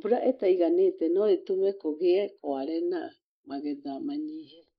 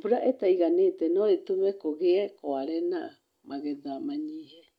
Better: second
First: noise reduction (neural mask model Resemble Enhance denoiser)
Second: none

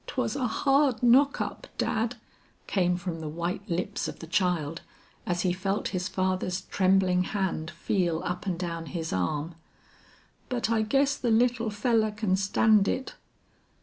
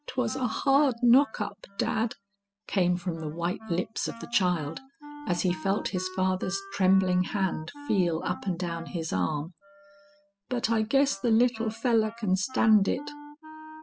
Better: first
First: none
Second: noise reduction (classical method spectral subtraction)

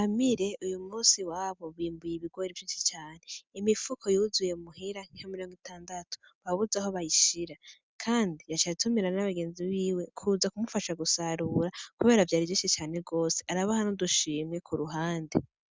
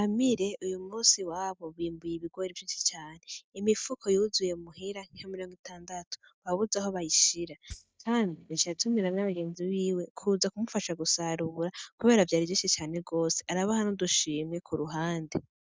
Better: first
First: none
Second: noise reduction (neural mask model DeepFilterNet 3)

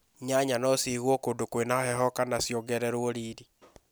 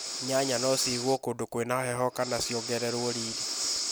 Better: first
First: none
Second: background sound (Breathing); 4 dB below the speech

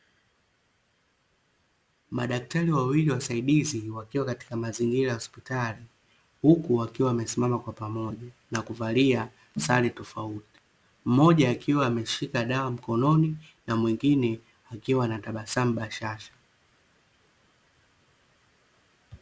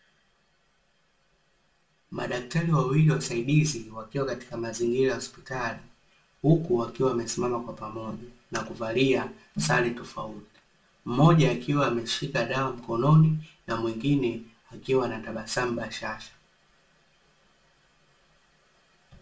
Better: first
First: none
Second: room echo; dies away in 0.3 s

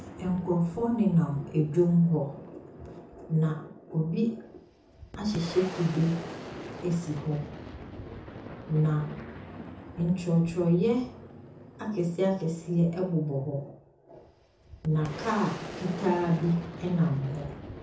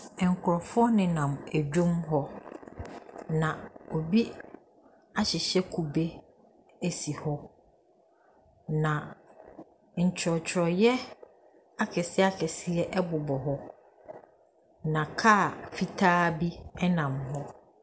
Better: second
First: background sound (Boom); 15 dB below the speech // room echo; dies away in 0.5 s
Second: none

